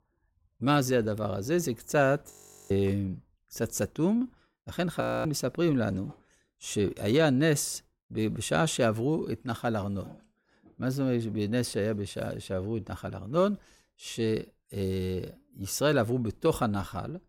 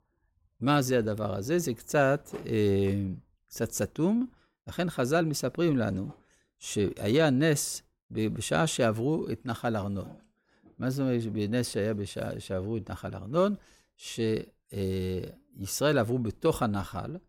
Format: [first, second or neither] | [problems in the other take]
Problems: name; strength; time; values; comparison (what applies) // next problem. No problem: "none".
second | audio freezing; at 2.5 s and at 5 s